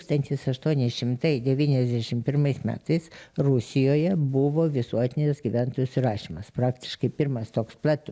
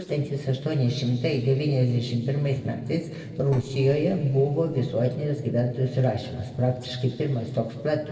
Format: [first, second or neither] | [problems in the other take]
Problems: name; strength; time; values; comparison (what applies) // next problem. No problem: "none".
first | noise reduction (neural separator model SepFormer DNS4)